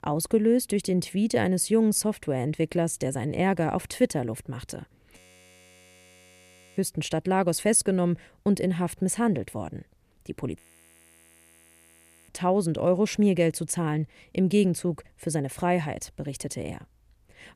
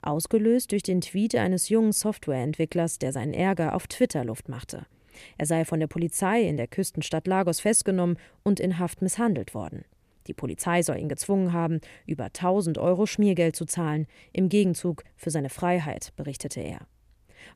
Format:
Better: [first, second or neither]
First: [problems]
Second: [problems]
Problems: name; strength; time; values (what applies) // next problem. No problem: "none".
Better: second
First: audio freezing; at 5 s for 1.5 s and at 11 s for 1.5 s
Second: none